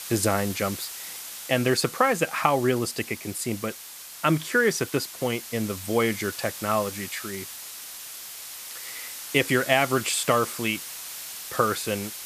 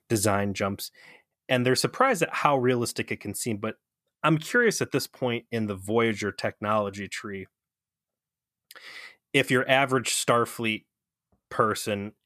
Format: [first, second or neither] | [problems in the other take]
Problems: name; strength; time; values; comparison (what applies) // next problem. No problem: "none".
second | hiss; noticeable; throughout; 10 dB below the speech